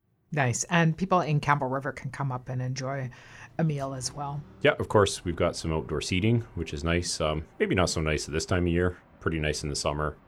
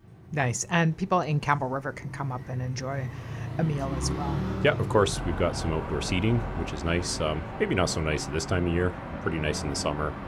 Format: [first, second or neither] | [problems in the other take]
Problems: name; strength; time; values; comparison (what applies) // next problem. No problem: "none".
first | traffic noise; loud; throughout; 7 dB below the speech; faint in the first